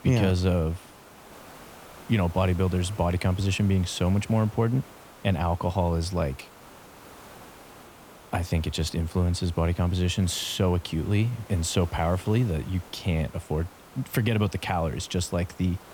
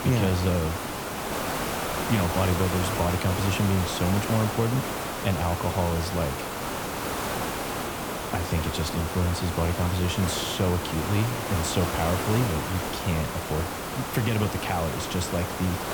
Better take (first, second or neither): first